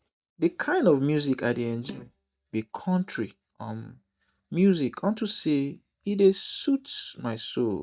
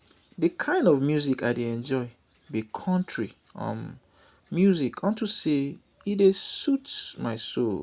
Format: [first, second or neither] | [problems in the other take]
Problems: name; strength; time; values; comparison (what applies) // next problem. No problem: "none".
second | noise reduction (neural mask model DeepFilterNet 3)